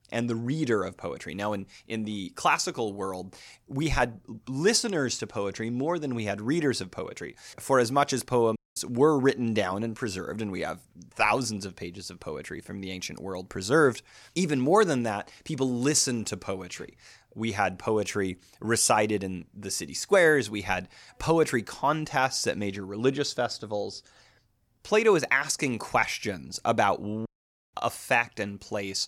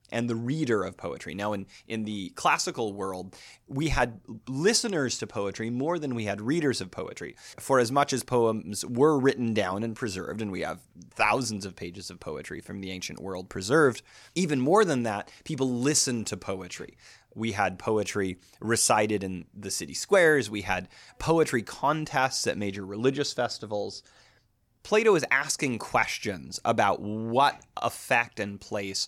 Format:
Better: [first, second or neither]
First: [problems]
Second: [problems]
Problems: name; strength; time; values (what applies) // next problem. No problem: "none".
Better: second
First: audio cutting out; at 8.5 s and at 27 s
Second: none